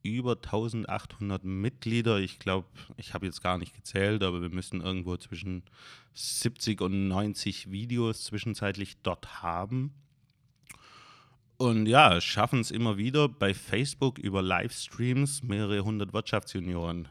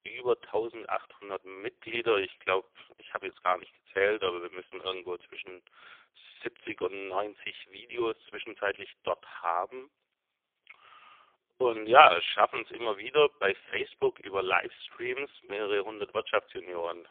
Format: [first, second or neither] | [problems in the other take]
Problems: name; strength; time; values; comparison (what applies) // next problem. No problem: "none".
first | phone-call audio; poor line; nothing above 3.5 kHz